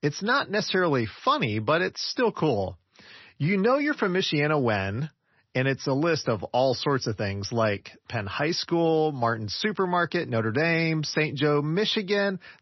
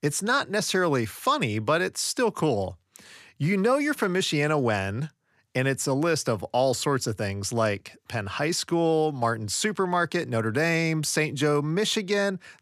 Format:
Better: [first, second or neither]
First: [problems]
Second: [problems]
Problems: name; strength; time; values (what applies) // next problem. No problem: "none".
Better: second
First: garbled, watery; slightly; nothing above 6 kHz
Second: none